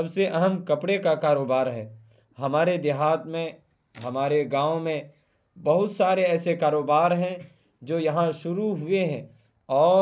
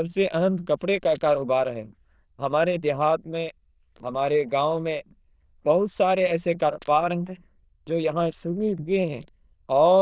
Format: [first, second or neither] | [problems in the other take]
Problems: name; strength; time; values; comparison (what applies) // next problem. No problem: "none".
first | noise reduction (neural diffusion model UNIVERSE++)